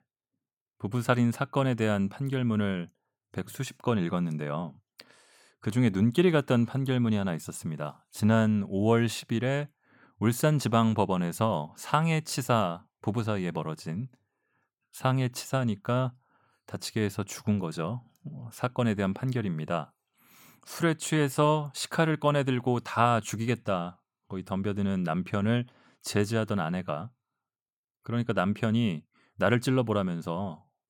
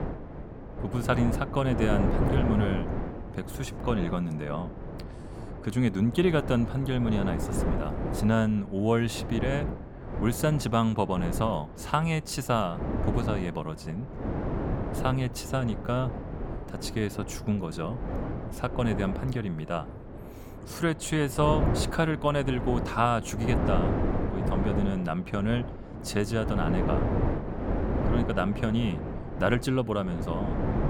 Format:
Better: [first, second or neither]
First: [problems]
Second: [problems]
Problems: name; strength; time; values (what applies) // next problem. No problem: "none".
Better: first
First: none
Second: wind noise on the microphone; heavy; 6 dB below the speech